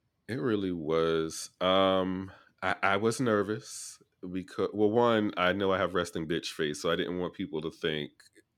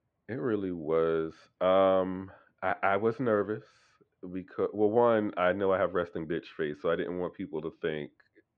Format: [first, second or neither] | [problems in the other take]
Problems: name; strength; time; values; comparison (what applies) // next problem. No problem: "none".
first | muffled; very; fading above 2.5 kHz